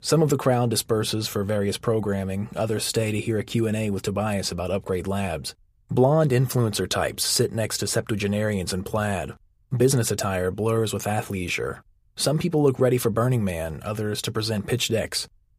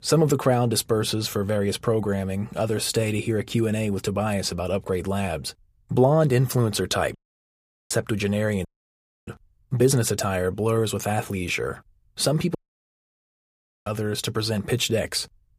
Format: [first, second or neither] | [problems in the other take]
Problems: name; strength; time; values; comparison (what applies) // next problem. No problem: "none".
first | audio cutting out; at 7 s for 1 s, at 8.5 s for 0.5 s and at 13 s for 1.5 s